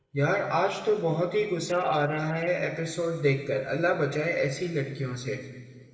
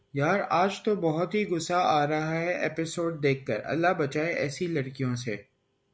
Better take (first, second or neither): second